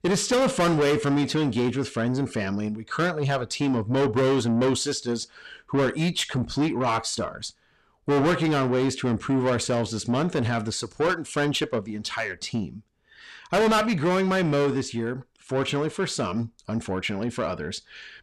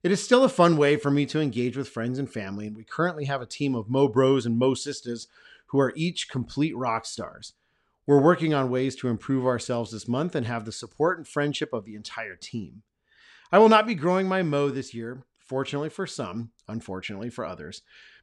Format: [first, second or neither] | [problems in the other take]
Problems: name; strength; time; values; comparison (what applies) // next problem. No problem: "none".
second | distortion; heavy; 5 dB below the speech